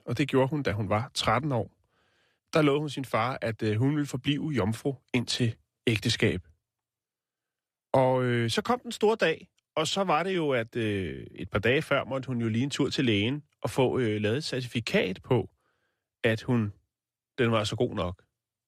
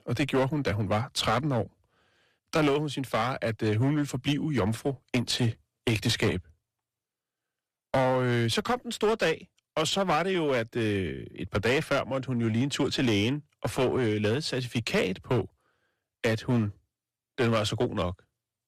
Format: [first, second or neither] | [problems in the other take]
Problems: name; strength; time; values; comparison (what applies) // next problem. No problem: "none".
first | distortion; slight; 7% of the sound clipped